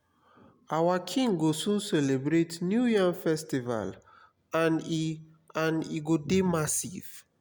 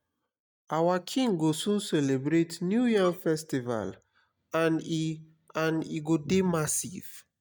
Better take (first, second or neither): first